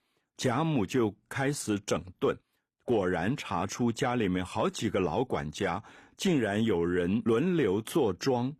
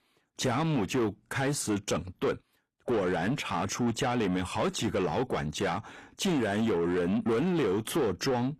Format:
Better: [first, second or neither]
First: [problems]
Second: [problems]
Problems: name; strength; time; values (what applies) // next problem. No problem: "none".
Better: first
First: none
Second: distortion; slight; 10 dB below the speech